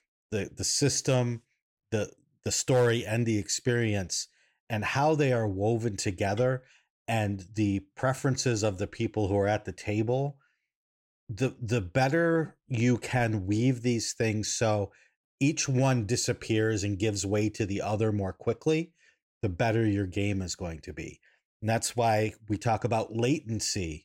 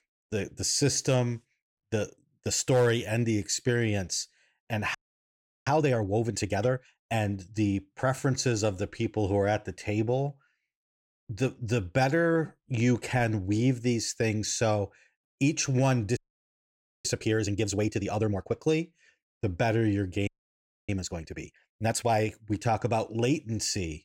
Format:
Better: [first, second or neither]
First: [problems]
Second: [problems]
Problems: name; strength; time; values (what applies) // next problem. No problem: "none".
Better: first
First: none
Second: audio freezing; at 5 s for 0.5 s, at 16 s for 1 s and at 20 s for 0.5 s